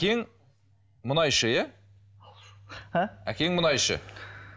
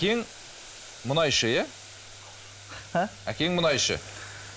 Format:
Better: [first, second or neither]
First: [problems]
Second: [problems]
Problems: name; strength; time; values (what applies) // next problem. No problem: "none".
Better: first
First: none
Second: background sound (Boiling); 16 dB below the speech